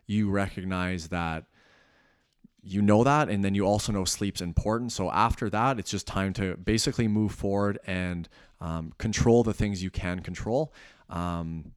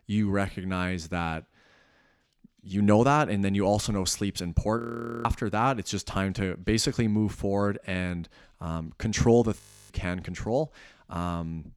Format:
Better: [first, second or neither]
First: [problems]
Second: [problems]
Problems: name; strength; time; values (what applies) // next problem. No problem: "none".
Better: first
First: none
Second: audio freezing; at 5 s and at 9.5 s